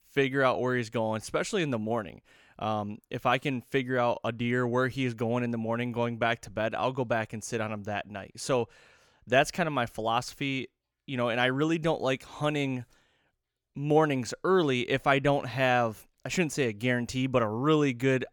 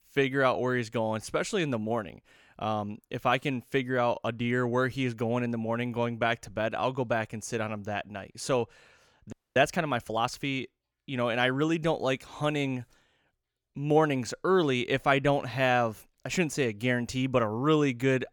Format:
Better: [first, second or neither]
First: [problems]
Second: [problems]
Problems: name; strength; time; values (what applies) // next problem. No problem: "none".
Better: first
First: none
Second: audio freezing; at 9.5 s